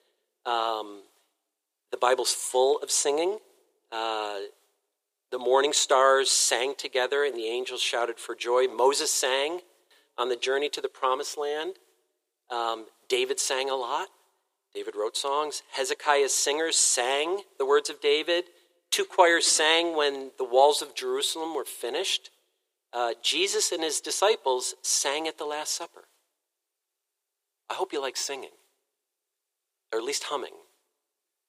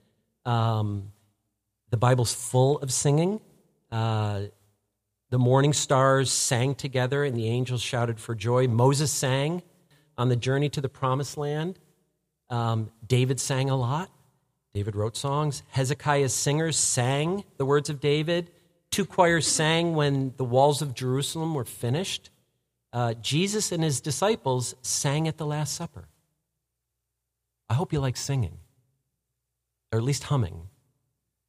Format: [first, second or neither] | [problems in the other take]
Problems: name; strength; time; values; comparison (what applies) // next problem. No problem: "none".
second | thin; very; fading below 350 Hz